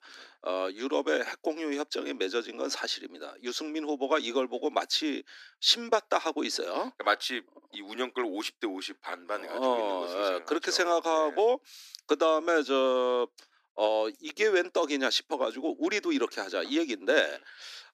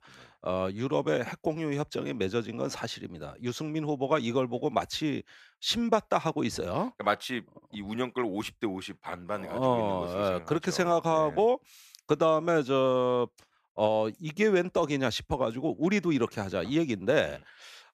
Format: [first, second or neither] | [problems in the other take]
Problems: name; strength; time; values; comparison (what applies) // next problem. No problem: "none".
second | thin; very slightly; fading below 250 Hz